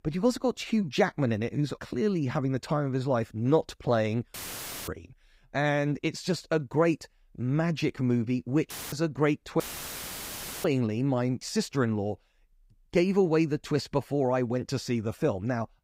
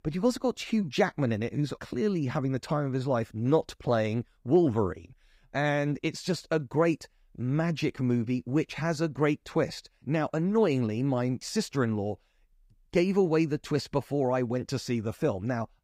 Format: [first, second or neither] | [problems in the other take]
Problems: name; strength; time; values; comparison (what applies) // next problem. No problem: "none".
second | audio cutting out; filled with static; at 4.5 s for 0.5 s, at 8.5 s and at 9.5 s for 1 s